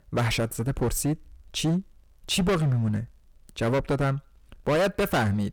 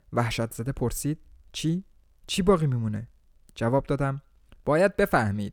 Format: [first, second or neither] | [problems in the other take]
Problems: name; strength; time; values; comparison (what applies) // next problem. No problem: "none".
second | distortion; heavy; 13% of the sound clipped